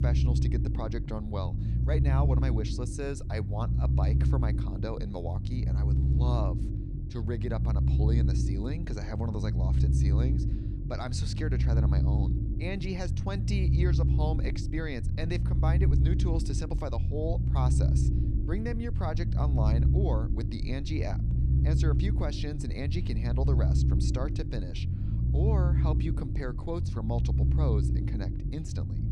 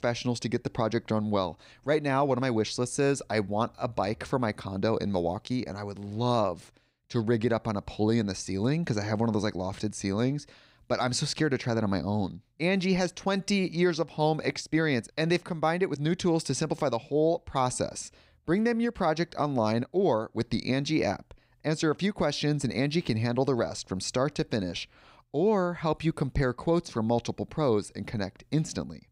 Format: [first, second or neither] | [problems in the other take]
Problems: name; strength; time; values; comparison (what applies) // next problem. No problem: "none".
second | low rumble; loud; throughout; 3 dB below the speech